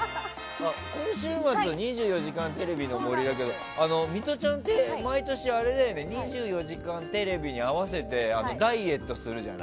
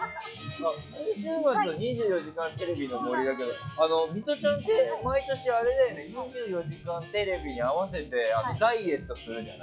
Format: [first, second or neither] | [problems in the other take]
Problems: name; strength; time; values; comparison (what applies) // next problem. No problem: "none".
first | noise reduction (classical method log-MMSE)